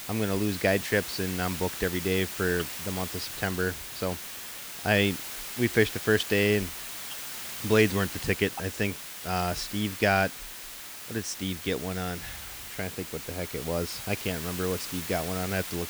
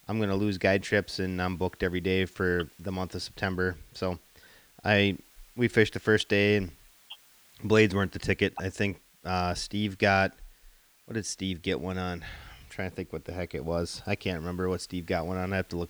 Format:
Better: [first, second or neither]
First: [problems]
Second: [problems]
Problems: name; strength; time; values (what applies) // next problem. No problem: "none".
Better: second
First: hiss; loud; throughout; 7 dB below the speech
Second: hiss; faint; throughout; 30 dB below the speech